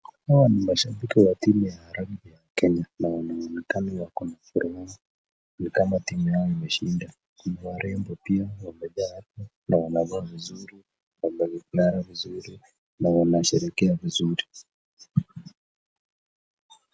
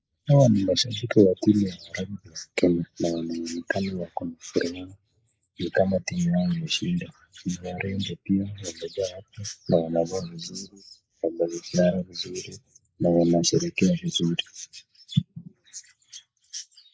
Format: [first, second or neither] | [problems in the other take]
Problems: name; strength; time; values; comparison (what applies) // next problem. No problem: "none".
first | noise reduction (neural mask model Resemble Enhance denoiser)